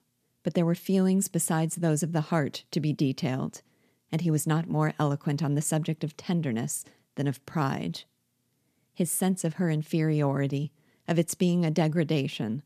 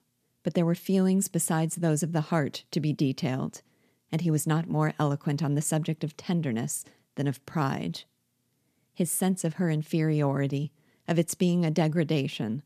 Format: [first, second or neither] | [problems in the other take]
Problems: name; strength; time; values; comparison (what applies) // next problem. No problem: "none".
neither | none